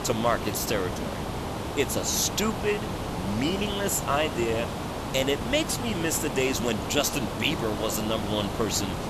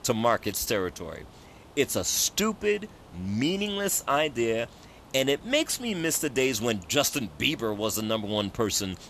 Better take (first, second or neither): second